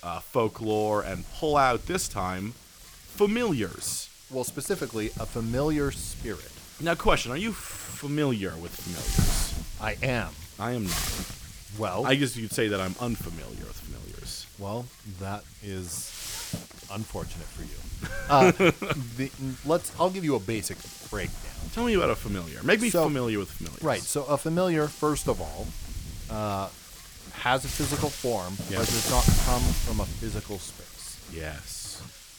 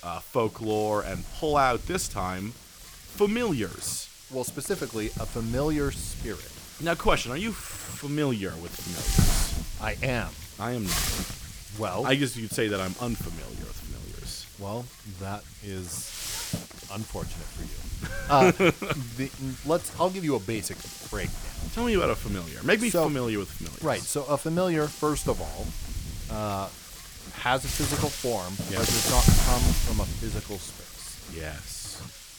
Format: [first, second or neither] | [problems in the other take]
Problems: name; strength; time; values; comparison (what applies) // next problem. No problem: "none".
first | wind noise on the microphone; heavy; 8 dB below the speech; occasional gusts in the first